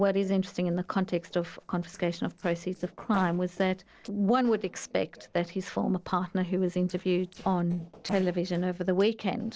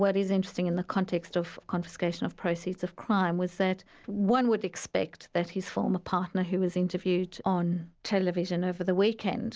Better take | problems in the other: second | noise reduction (neural separator model SepFormer DNS4)

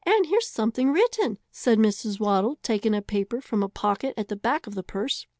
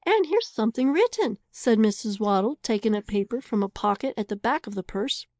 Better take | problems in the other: first | noise reduction (neural mask model Resemble Enhance denoiser)

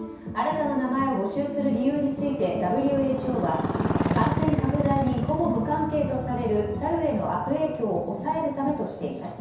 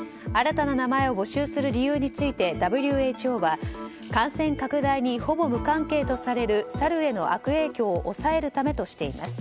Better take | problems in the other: second | background sound (Motorcycle); 6 dB below the speech // room echo; dies away in 0.7 s

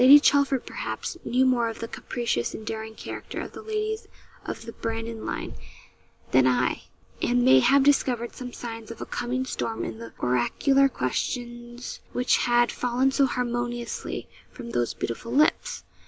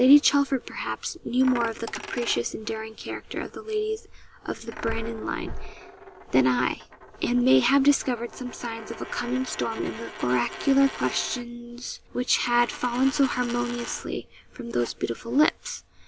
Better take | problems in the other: first | background sound (Coin (dropping)); 16 dB below the speech

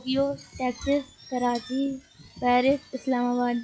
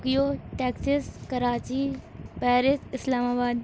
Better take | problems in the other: second | noise reduction (classical method log-MMSE)

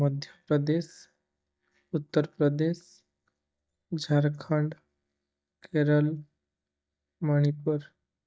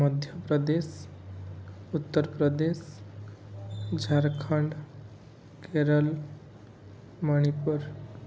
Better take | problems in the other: second | noise reduction (neural mask model DeepFilterNet 3)

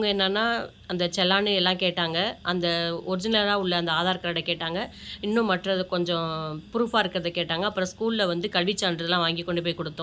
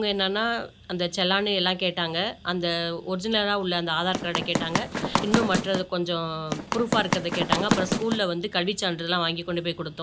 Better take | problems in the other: first | background sound (Run); 1 dB below the speech

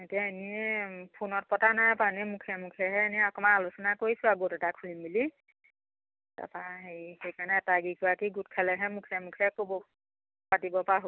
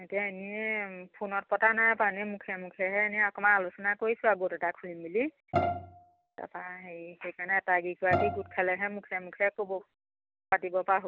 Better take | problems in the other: first | background sound (Bowed string instrument); 2 dB below the speech

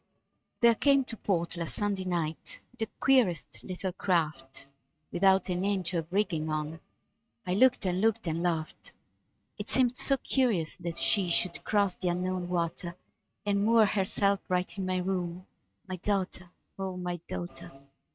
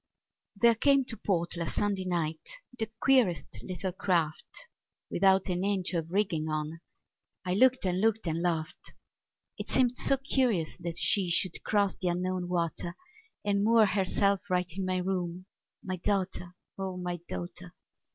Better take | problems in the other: second | noise reduction (neural mask model RNNoise)

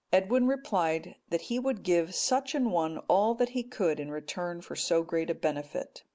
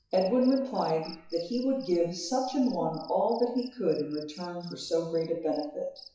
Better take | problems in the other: first | noise reduction (classical method WPE with log-MMSE)

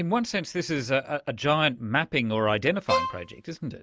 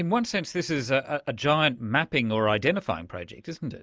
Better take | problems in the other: second | background sound (Bowed string instrument); 3 dB below the speech

